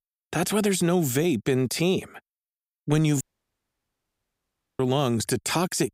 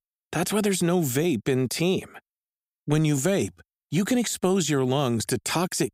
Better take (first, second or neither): second